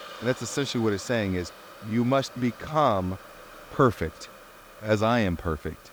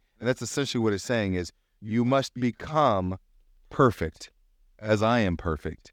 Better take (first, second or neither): second